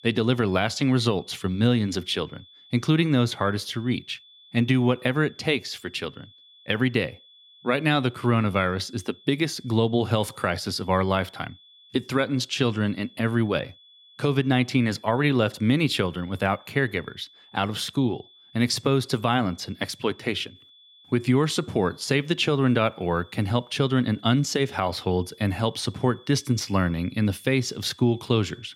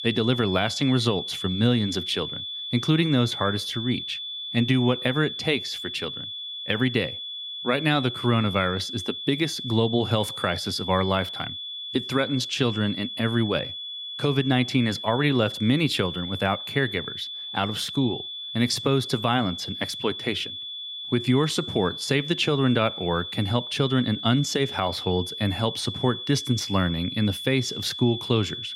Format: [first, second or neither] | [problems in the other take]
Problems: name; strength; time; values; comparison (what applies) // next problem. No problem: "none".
first | high-pitched whine; loud; throughout; 3.5 kHz, 7 dB below the speech; faint in the first